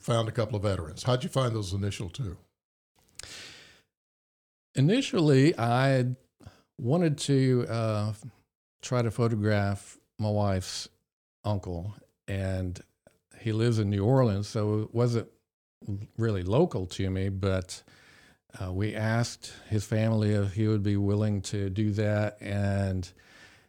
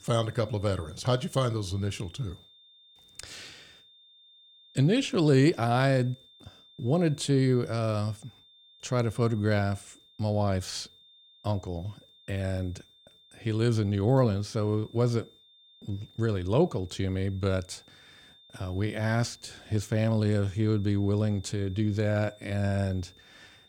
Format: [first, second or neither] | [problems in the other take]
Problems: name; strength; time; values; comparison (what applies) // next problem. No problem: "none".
first | high-pitched whine; faint; throughout; 3.5 kHz, 25 dB below the speech